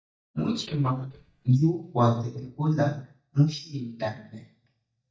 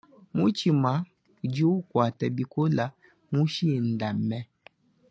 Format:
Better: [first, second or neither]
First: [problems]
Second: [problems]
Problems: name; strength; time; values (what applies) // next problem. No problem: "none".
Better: second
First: noise reduction (neural mask model DeepFilterNet 3)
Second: none